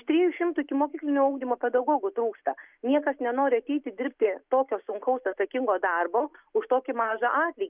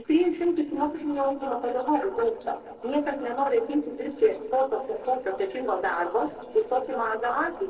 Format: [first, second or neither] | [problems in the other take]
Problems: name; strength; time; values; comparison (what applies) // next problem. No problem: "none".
first | noise reduction (neural separator model SepFormer DNS4)